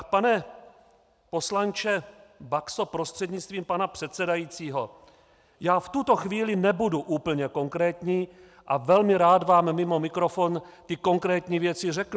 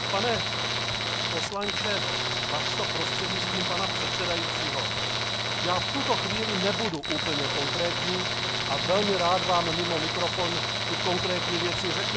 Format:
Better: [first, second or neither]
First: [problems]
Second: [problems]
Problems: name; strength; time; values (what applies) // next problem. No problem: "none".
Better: first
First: none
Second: background sound (Tools); 3 dB above the speech